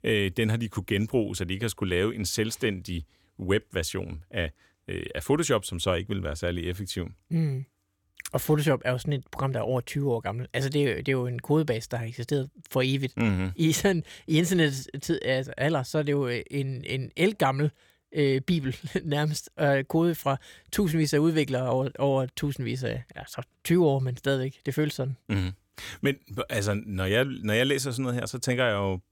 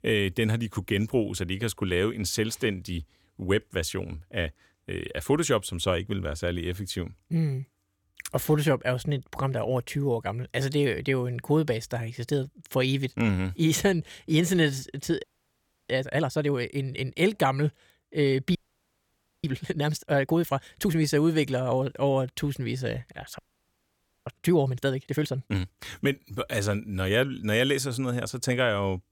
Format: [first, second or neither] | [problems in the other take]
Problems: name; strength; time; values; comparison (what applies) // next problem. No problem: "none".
first | audio freezing; at 15 s for 0.5 s, at 19 s for 1 s and at 23 s for 1 s